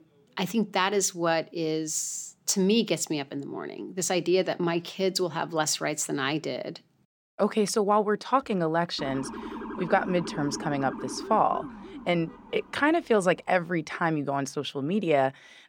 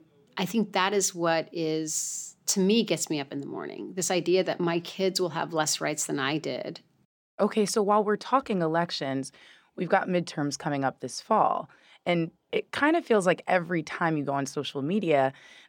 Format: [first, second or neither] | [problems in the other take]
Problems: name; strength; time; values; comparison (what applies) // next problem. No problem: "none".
second | siren; noticeable; from 9 to 13 s; peak 9 dB below the speech